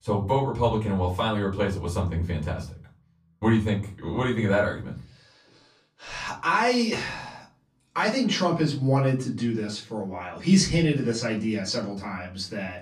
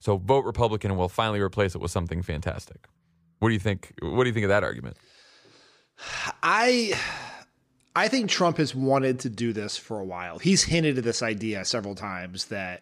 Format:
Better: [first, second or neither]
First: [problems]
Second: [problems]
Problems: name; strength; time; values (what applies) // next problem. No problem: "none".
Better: second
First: off-mic speech; far // room echo; very slight; dies away in 0.4 s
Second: none